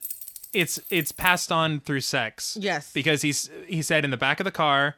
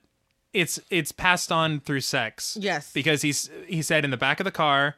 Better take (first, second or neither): second